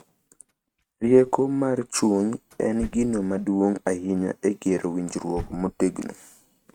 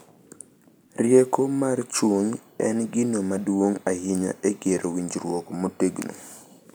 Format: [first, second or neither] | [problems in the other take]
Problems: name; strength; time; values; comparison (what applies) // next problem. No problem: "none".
second | noise reduction (neural mask model RNNoise)